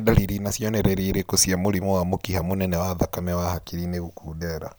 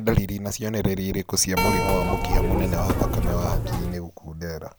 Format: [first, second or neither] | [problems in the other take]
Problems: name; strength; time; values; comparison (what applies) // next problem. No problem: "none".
first | background sound (Keyboard (musical)); 3 dB above the speech